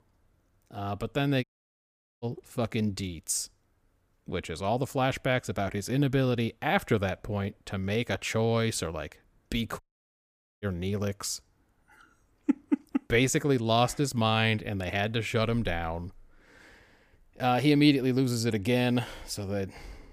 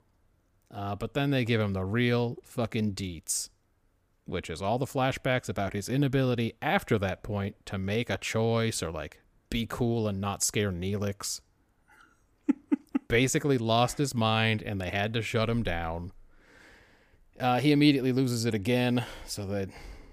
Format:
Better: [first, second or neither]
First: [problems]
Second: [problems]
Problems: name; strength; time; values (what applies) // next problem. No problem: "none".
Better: second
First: audio cutting out; at 1.5 s for 1 s and at 10 s for 1 s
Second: none